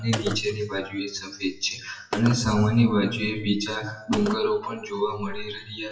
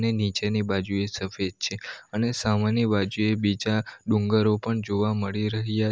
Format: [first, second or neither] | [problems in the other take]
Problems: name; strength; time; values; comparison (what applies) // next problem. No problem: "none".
second | noise reduction (classical method WPE with log-MMSE)